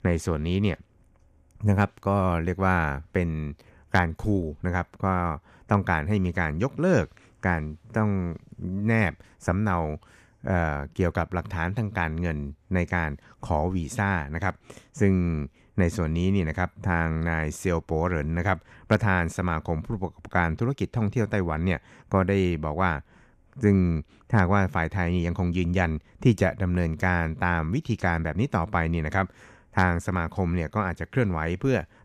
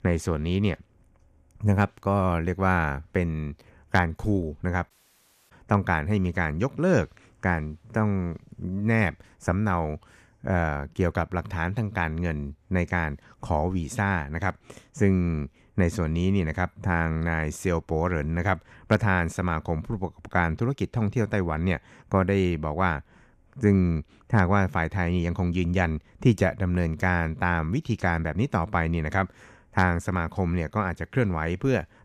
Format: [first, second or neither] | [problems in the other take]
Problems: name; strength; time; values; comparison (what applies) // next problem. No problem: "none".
first | audio cutting out; at 5 s for 0.5 s